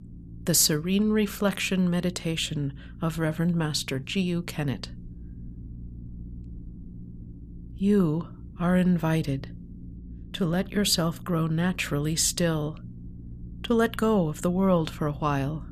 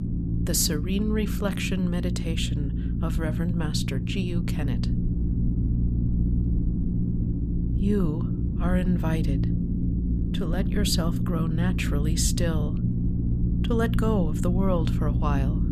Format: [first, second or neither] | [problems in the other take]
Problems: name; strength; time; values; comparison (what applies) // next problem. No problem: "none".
first | low rumble; loud; throughout; 6 dB below the speech; faint in the first